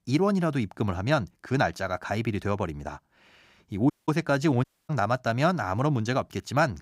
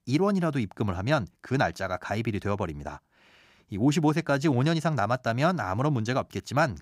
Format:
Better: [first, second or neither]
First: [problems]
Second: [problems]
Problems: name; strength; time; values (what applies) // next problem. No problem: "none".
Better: second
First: audio cutting out; at 4 s and at 4.5 s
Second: none